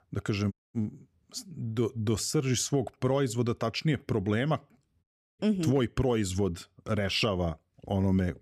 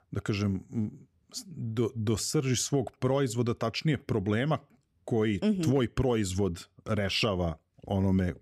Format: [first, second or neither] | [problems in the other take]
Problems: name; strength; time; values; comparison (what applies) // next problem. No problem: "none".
second | audio cutting out; at 0.5 s and at 5 s